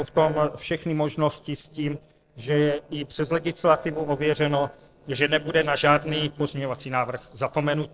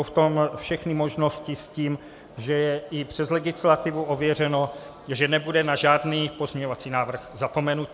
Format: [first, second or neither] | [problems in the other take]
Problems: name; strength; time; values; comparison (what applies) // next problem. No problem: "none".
second | noise reduction (neural separator model SepFormer DNS4)